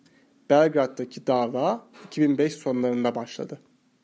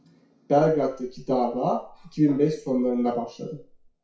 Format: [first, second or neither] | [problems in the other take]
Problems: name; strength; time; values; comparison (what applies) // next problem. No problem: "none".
first | noise reduction (classical method WPE with log-MMSE)